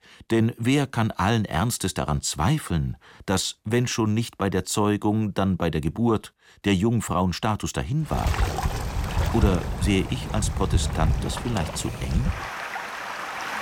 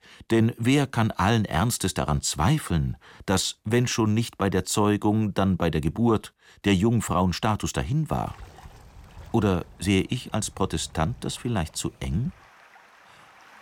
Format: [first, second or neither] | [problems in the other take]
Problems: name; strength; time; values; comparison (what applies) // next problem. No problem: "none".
second | rain or running water; loud; from 8 s on; 3 dB below the speech; faint in the second